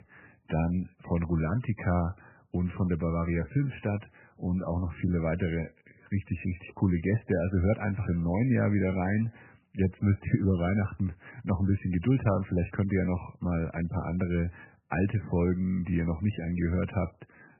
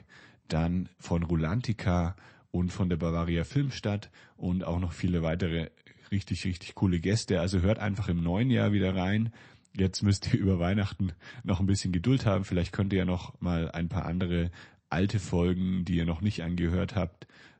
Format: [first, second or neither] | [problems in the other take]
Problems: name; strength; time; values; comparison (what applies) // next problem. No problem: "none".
second | garbled, watery; badly; nothing above 2.5 kHz; slightly in the second